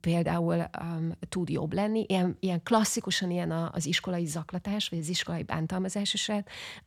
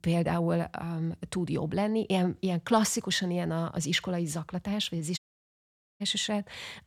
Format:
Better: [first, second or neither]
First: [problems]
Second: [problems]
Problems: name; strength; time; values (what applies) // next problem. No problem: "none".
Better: first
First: none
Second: audio cutting out; at 5 s for 1 s